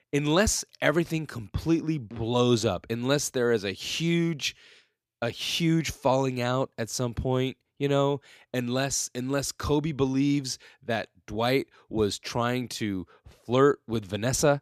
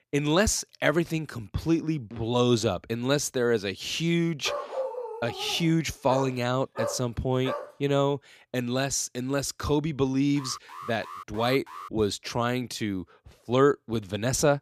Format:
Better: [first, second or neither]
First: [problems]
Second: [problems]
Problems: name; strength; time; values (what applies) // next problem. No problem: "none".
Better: first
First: none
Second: dog barking; noticeable; from 4.5 to 7.5 s; peak 4 dB below the speech // alarm; faint; from 10 to 12 s; peak 15 dB below the speech